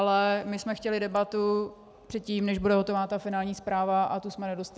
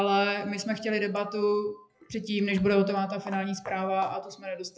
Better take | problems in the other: first | noise reduction (classical method WPE with log-MMSE)

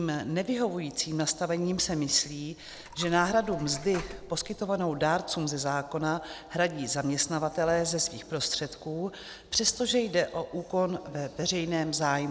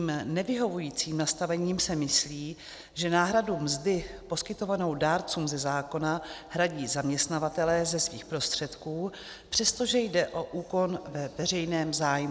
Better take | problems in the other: second | background sound (Coin (dropping)); 16 dB below the speech

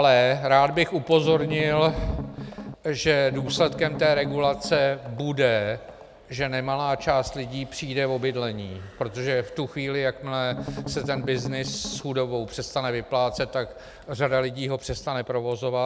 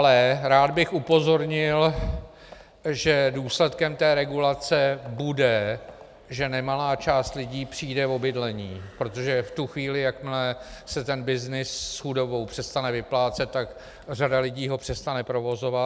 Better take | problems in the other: second | background sound (Strum); 9 dB below the speech

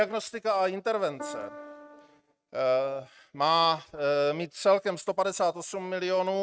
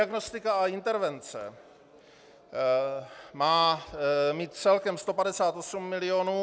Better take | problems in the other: second | noise reduction (neural mask model RNNoise)

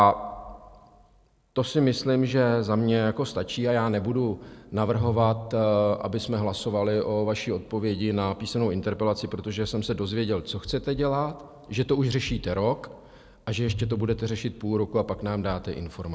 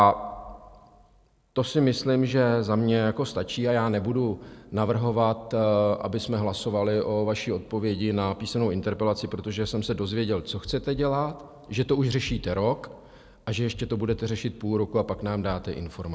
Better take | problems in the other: second | background sound (Bowed string instrument); 11 dB below the speech

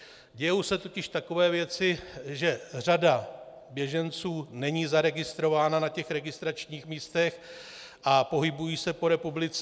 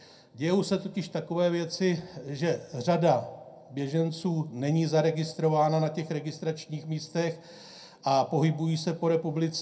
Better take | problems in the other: first | room echo; dies away in 0.2 s

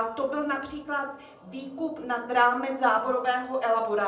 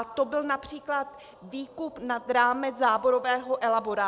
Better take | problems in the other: second | room echo; dies away in 0.6 s

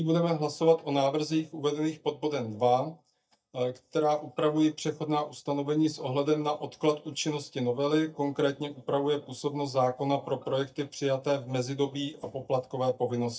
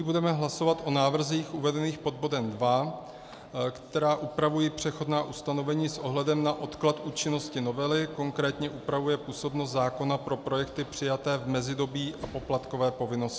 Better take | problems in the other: second | noise reduction (neural mask model DeepFilterNet 3)

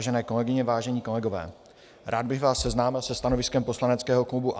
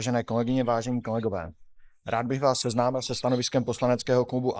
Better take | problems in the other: first | noise reduction (neural mask model Resemble Enhance denoiser)

